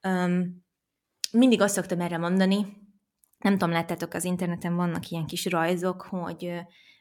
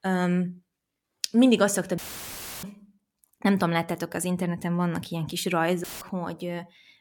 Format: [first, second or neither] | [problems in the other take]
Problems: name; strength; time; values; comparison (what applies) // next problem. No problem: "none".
first | audio cutting out; filled with static; at 2 s for 0.5 s and at 6 s